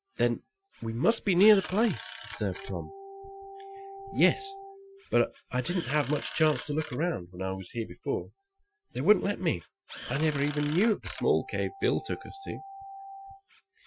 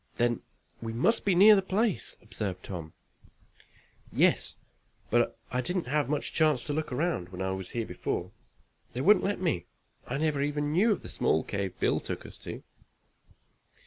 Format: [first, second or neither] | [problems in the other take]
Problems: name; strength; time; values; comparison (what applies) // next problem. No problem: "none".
second | noise reduction (classical method Wiener filter)